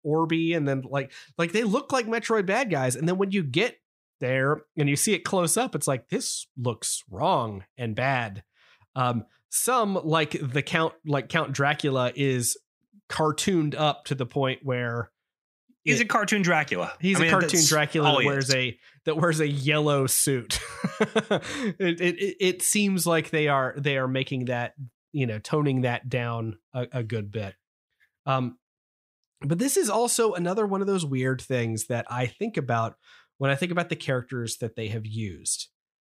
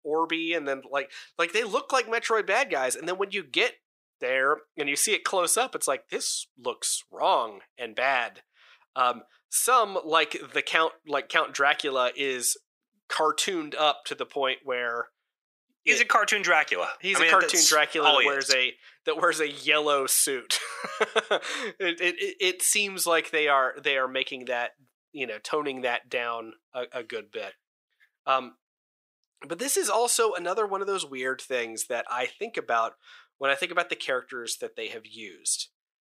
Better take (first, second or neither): first